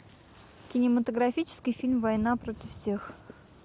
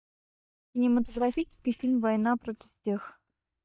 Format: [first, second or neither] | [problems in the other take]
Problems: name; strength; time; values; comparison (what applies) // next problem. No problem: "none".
first | noise reduction (neural mask model DeepFilterNet 3)